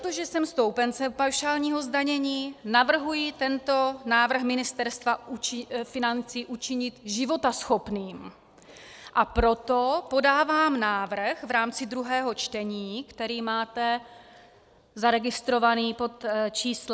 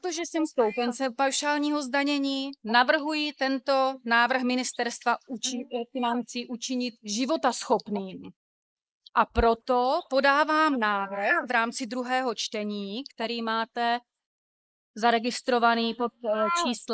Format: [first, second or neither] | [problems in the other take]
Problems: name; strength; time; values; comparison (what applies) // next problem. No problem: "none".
first | noise reduction (neural mask model Resemble Enhance denoiser)